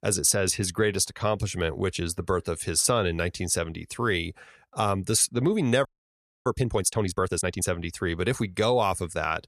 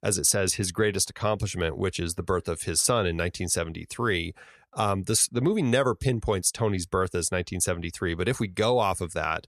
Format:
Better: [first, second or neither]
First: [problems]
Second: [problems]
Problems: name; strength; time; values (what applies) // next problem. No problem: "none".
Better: second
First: audio freezing; at 6 s for 0.5 s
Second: none